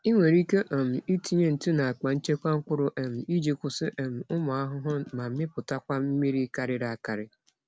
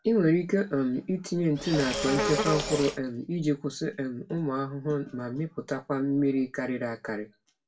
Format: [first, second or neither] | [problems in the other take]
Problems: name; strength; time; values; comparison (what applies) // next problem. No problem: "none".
first | background sound (Insect); 2 dB below the speech // room echo; dies away in 0.2 s